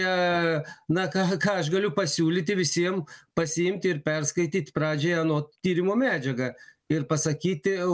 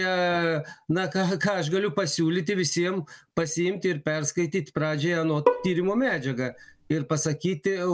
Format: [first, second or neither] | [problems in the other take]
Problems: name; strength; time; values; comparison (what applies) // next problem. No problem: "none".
first | background sound (Bowed string instrument); 4 dB below the speech